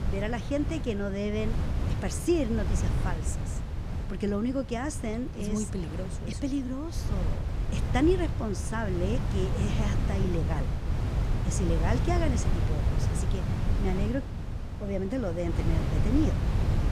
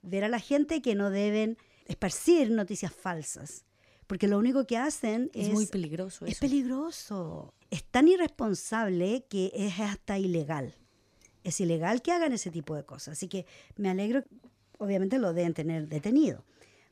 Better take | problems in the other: second | wind noise on the microphone; heavy; 6 dB below the speech

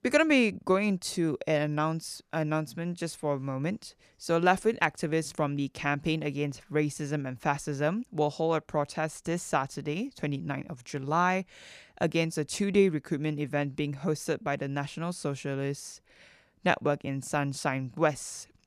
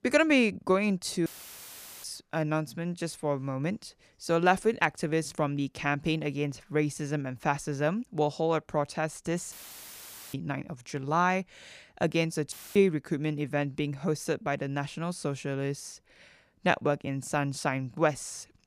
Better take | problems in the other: first | audio cutting out; filled with static; at 1.5 s for 1 s, at 9.5 s for 1 s and at 13 s

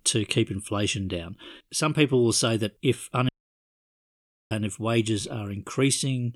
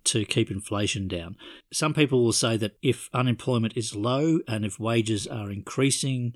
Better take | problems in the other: second | audio cutting out; at 3.5 s for 1 s

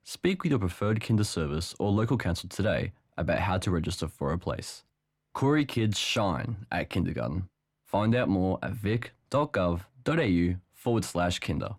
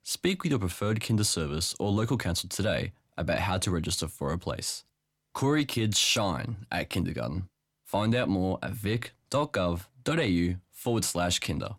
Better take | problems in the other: second | muffled; slightly; fading above 3 kHz

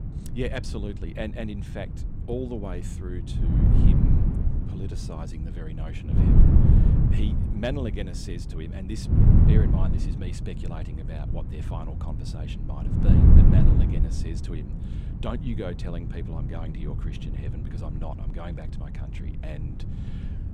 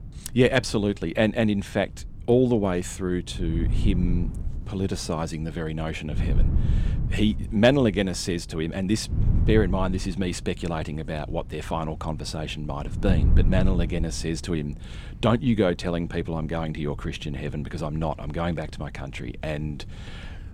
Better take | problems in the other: second | wind noise on the microphone; heavy; 2 dB above the speech; occasional gusts in the second

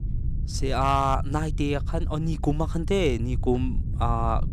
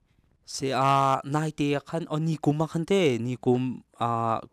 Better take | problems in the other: second | low rumble; noticeable; throughout; 20 dB below the speech

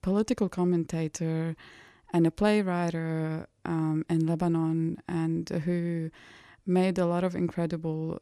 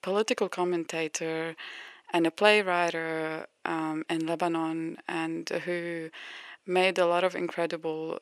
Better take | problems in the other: first | thin; very; fading below 500 Hz

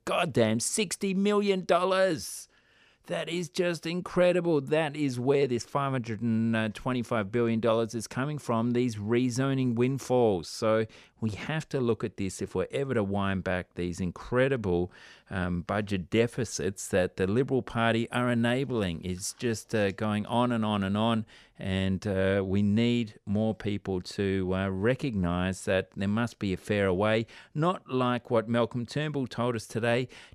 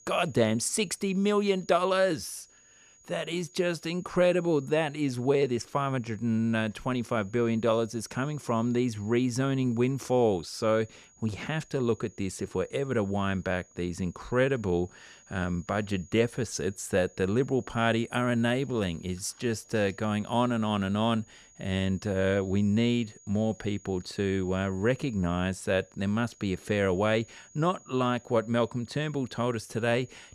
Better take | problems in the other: first | high-pitched whine; faint; throughout; 6.5 kHz, 25 dB below the speech

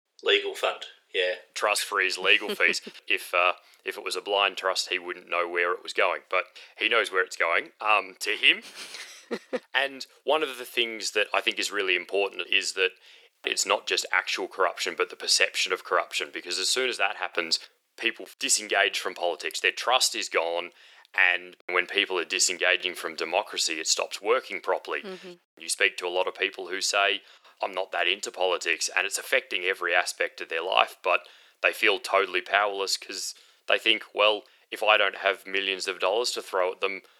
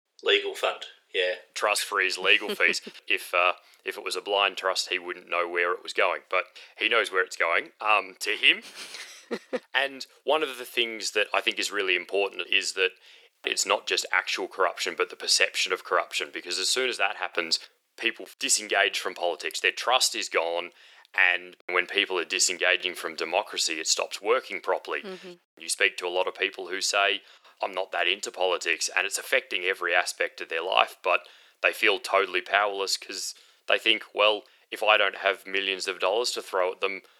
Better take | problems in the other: neither | thin; very; fading below 400 Hz; the same in both

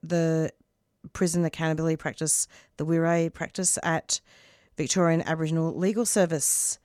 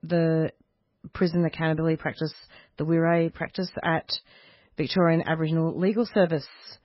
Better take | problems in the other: first | garbled, watery; badly; nothing above 5.5 kHz

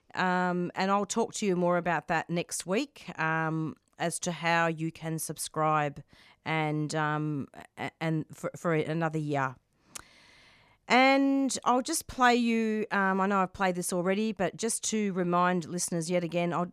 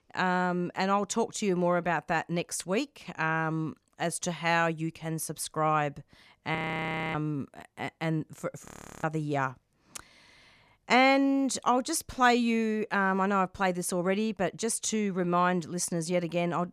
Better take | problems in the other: first | audio freezing; at 6.5 s for 0.5 s and at 8.5 s

